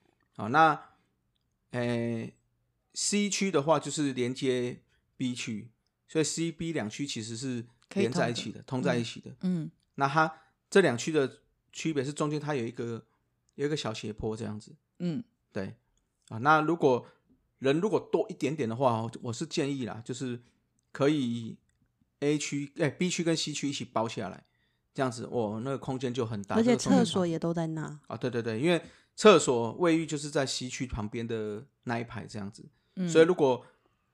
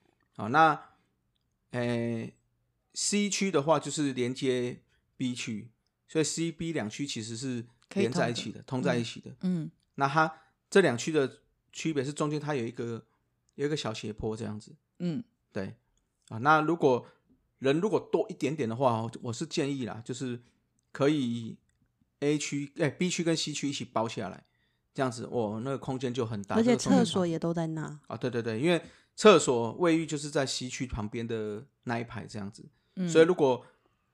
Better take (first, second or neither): neither